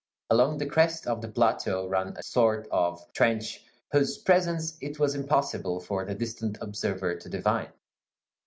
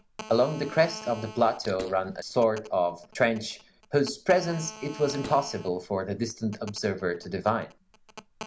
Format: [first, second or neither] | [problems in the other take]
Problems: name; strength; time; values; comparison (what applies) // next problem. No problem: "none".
first | background sound (Telephone + Fart); 18 dB below the speech